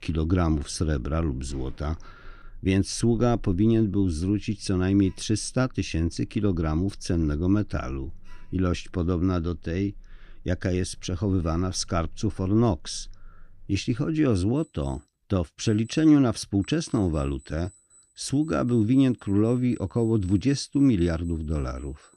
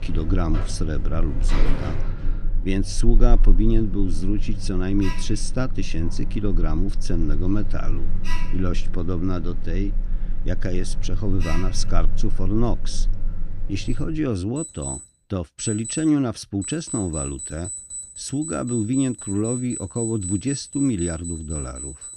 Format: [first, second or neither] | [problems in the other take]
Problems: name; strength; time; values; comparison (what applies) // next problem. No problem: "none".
first | alarms or sirens; loud; throughout; 3 dB below the speech; faint in the first